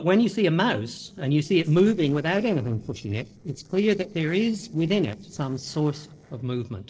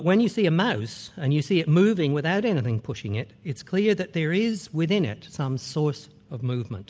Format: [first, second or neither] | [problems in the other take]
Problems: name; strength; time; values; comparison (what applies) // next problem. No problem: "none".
second | noise reduction (neural separator model SepFormer DNS4)